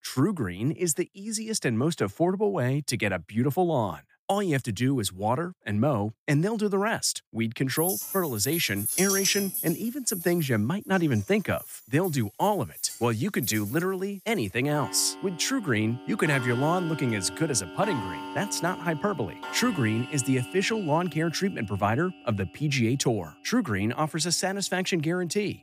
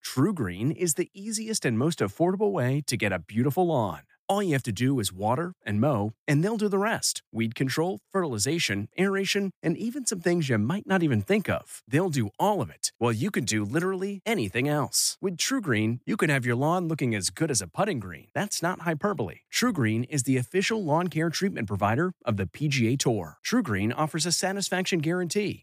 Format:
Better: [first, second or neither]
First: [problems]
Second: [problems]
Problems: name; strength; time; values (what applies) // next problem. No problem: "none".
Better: second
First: household noises; loud; from 8 s on; 8 dB below the speech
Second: none